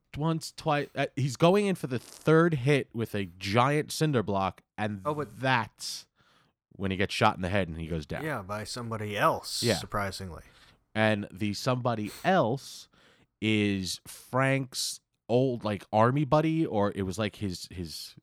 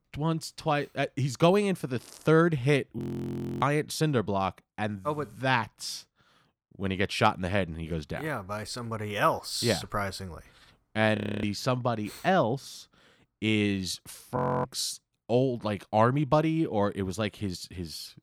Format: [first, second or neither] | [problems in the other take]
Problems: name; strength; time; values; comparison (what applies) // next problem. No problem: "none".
first | audio freezing; at 3 s for 0.5 s, at 11 s and at 14 s